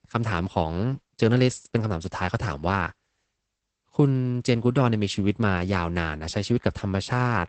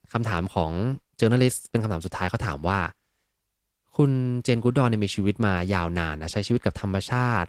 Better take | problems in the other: second | garbled, watery; badly; nothing above 8 kHz; slightly in the second

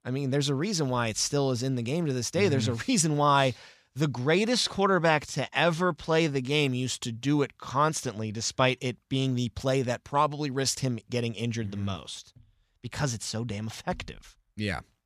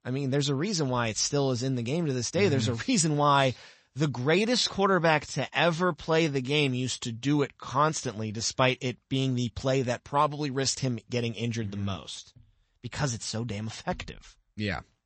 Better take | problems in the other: first | garbled, watery; slightly; nothing above 8 kHz

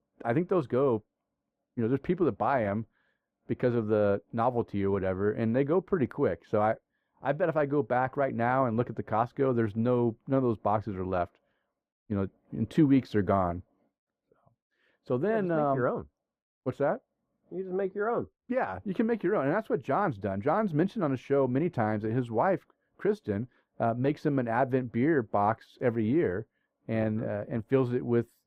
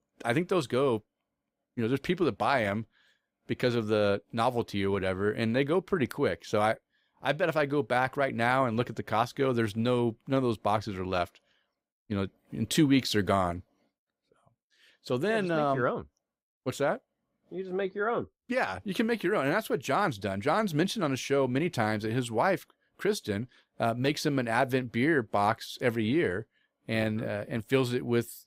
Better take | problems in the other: second | muffled; very; fading above 2.5 kHz

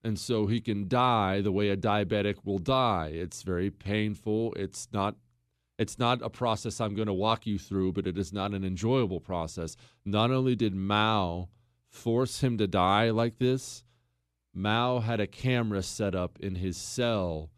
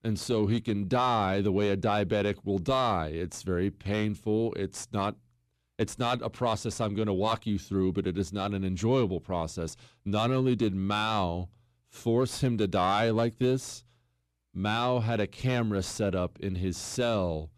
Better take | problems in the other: first | distortion; slight; 10 dB below the speech

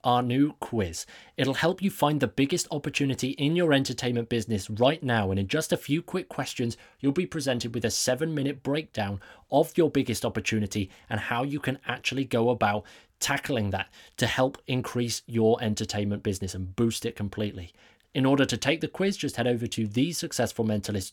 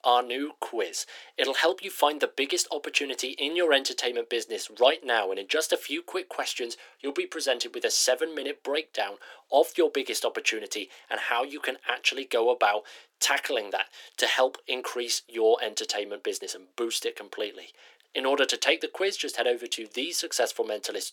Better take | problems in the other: first | thin; very; fading below 350 Hz

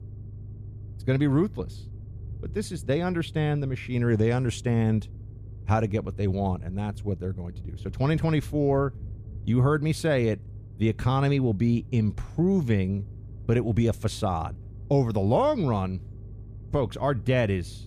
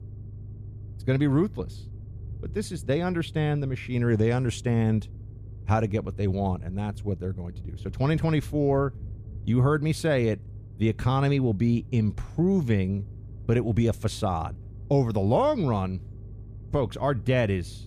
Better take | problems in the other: neither | low rumble; faint; throughout; 25 dB below the speech; the same in both

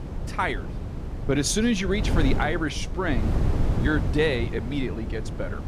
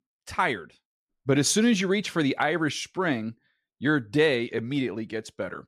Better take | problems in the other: second | wind noise on the microphone; heavy; 10 dB below the speech

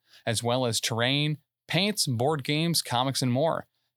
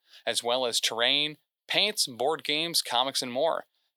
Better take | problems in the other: first | thin; somewhat; fading below 450 Hz

